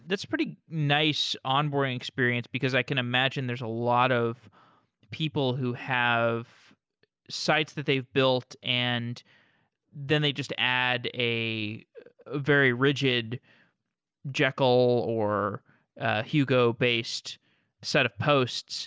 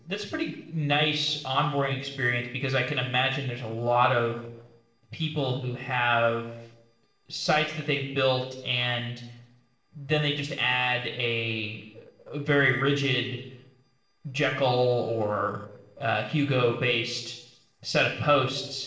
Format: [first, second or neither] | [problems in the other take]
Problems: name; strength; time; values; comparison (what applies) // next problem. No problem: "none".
first | noise reduction (neural separator model SepFormer DNS4)